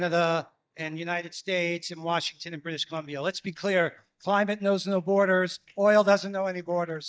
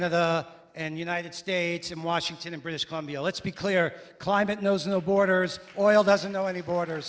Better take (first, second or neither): second